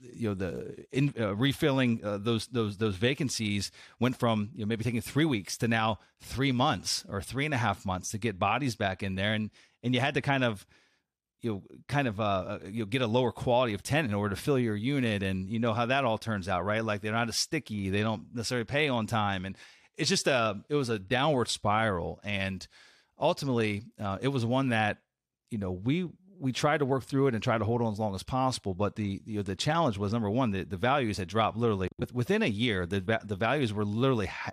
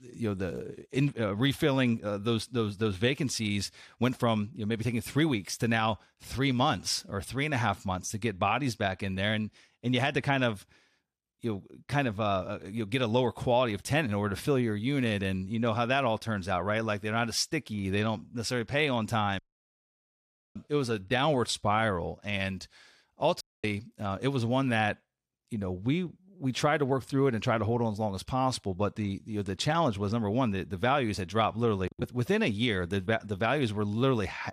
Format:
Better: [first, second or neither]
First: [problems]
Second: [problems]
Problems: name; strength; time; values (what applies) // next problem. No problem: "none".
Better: first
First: none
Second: audio cutting out; at 19 s for 1 s and at 23 s